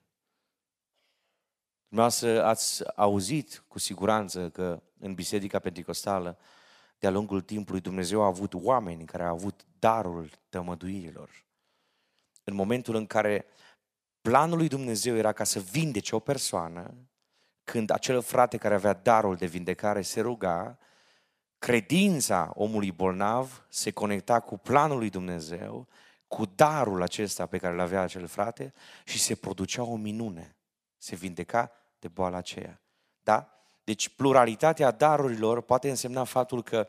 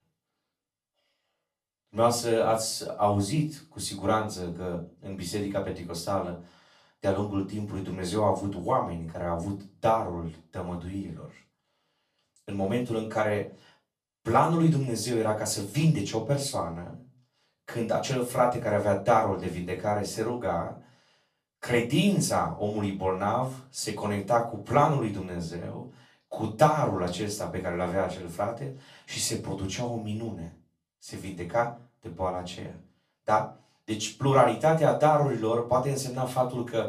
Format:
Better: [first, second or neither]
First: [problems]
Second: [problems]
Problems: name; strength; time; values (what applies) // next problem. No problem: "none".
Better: first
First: none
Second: off-mic speech; far // room echo; slight; dies away in 0.3 s